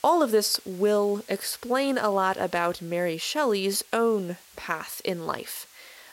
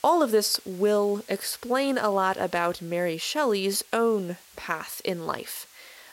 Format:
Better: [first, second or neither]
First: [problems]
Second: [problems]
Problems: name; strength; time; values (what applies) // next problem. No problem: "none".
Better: neither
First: hiss; faint; throughout; 25 dB below the speech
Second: hiss; faint; throughout; 25 dB below the speech